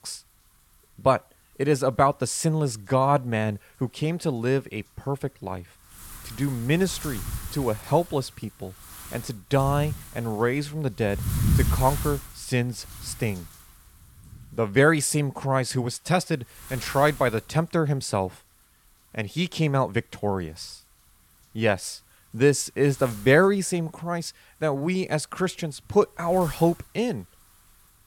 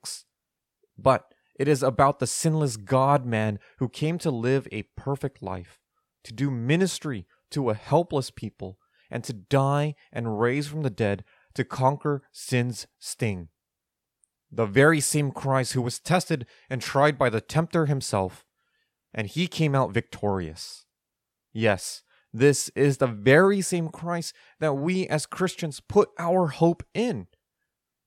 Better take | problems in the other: second | wind noise on the microphone; occasional gusts; 15 dB below the speech

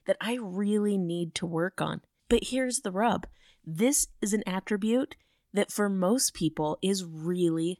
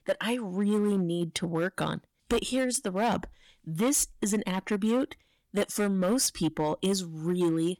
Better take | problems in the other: first | distortion; slight; 7% of the sound clipped

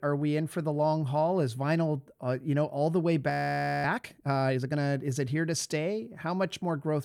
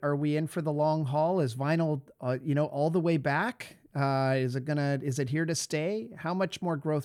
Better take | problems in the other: second | audio freezing; at 3.5 s for 0.5 s

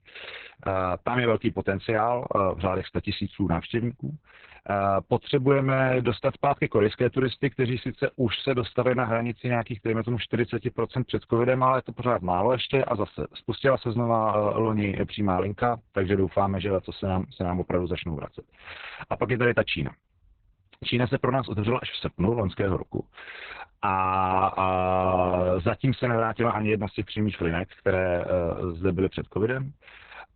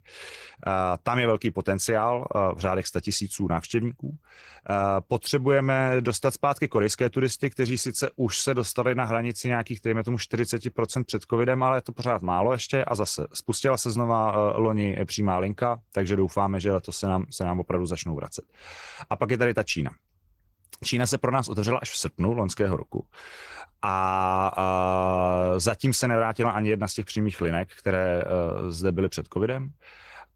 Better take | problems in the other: second | garbled, watery; badly; nothing above 4 kHz; slightly in the second

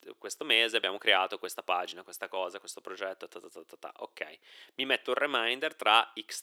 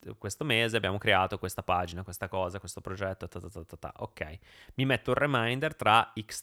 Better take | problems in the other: second | thin; somewhat; fading below 350 Hz

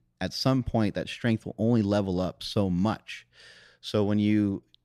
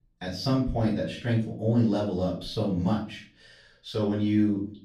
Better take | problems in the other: first | room echo; slight; dies away in 0.4 s // off-mic speech; far

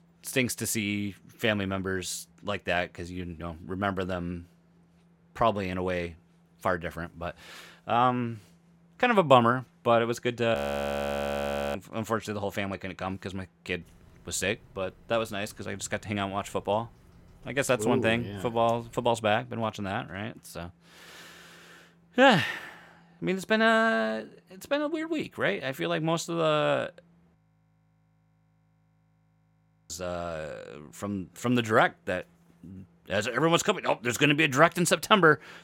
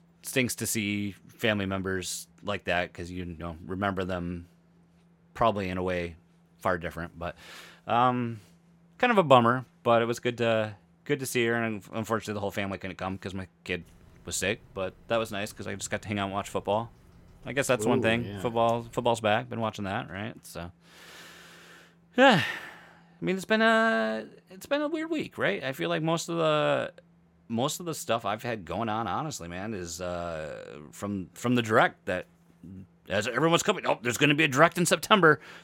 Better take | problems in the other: second | audio freezing; at 11 s for 1 s and at 27 s for 2.5 s

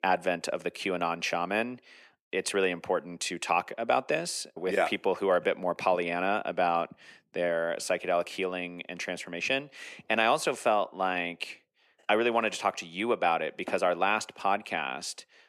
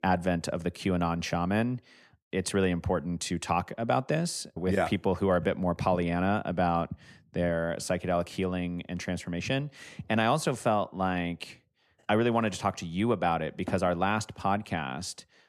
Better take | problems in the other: second | thin; somewhat; fading below 400 Hz

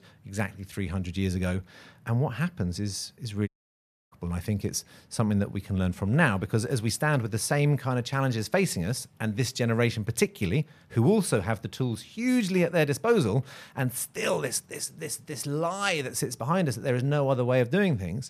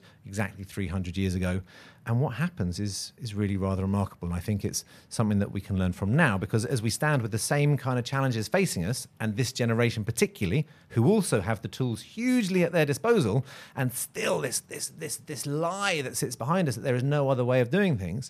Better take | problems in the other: second | audio cutting out; at 3.5 s for 0.5 s

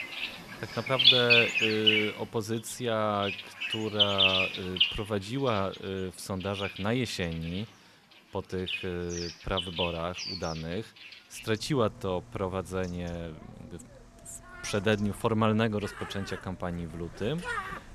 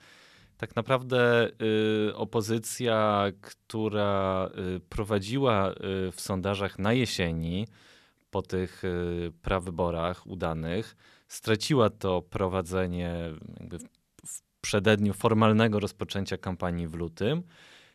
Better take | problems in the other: second | animal sounds; very loud; throughout; 5 dB above the speech

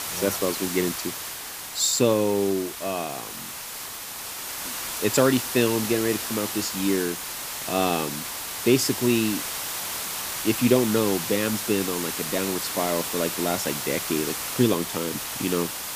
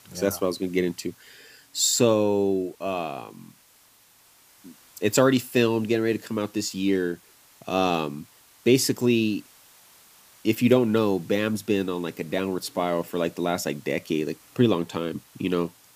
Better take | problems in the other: second | hiss; loud; throughout; 4 dB below the speech; faint in the second

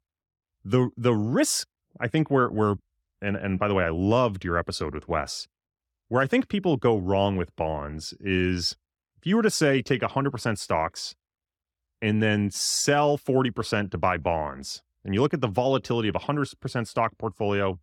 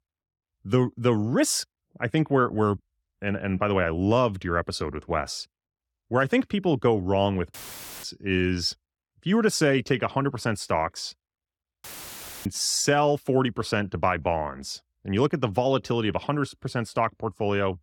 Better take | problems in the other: first | audio cutting out; filled with static; at 7.5 s and at 12 s for 0.5 s

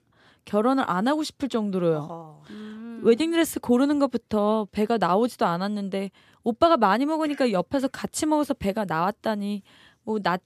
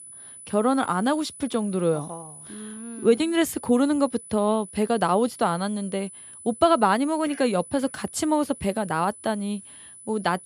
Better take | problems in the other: first | high-pitched whine; noticeable; throughout; 10 kHz, 15 dB below the speech

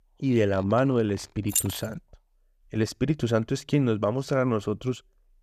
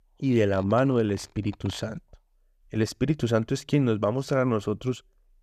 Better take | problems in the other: second | jangling keys; noticeable; at 1.5 s; peak level with the speech

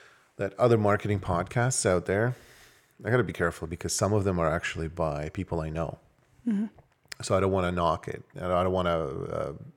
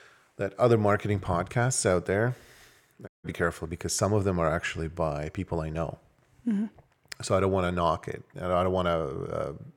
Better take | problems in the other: first | audio cutting out; at 3 s

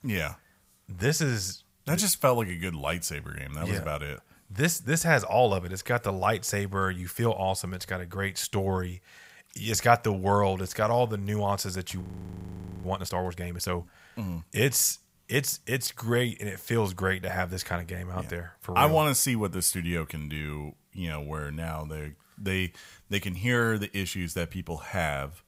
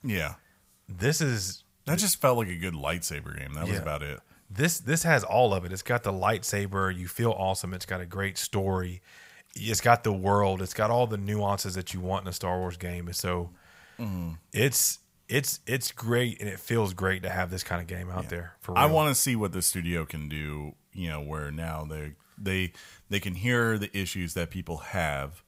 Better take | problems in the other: second | audio freezing; at 12 s for 1 s

